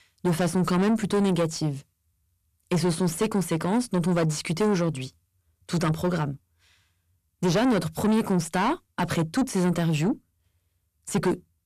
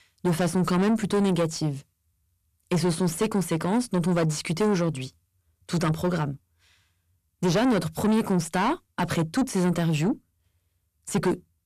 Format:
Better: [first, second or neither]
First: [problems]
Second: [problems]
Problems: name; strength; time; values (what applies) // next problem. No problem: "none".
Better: neither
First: distortion; heavy; 7 dB below the speech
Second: distortion; heavy; 7 dB below the speech